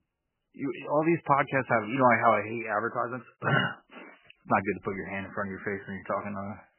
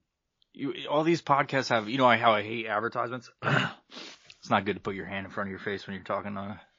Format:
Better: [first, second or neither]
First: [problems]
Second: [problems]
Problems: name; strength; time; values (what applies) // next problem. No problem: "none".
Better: second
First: garbled, watery; badly; nothing above 3 kHz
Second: garbled, watery; slightly